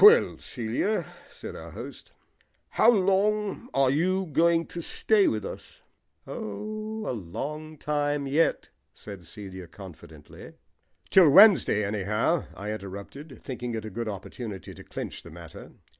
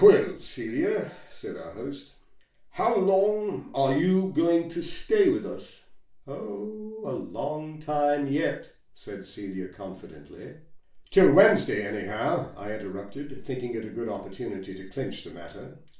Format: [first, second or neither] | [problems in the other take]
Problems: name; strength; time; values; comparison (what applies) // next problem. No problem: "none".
first | room echo; dies away in 0.3 s